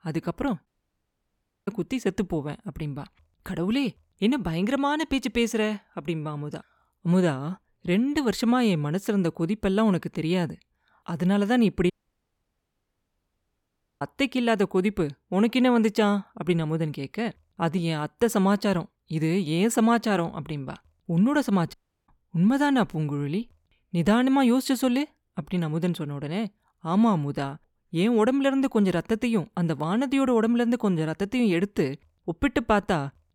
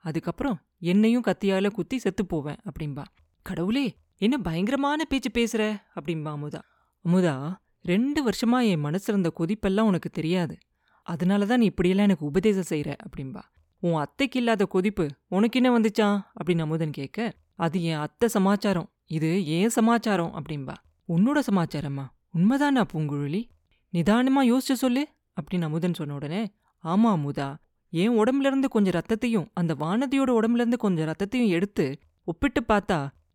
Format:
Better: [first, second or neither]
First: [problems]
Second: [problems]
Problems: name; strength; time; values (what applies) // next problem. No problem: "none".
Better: second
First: audio cutting out; at 0.5 s for 1 s, at 12 s for 2 s and at 22 s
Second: none